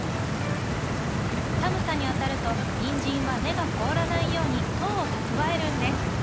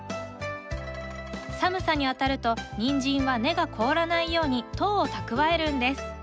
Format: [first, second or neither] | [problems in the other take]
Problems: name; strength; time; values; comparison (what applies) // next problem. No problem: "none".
second | background sound (Stream); 4 dB above the speech